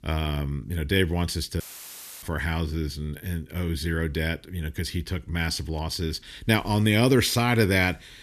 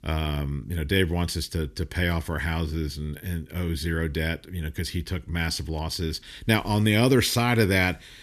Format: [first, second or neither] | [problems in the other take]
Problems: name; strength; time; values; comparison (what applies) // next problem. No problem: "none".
second | audio cutting out; filled with static; at 1.5 s for 0.5 s